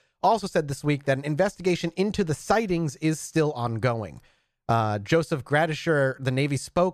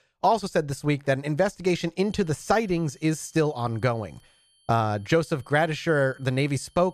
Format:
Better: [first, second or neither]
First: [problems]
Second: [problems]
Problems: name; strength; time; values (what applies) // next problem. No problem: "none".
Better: first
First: none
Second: high-pitched whine; faint; from 2 s on; 3 kHz, 35 dB below the speech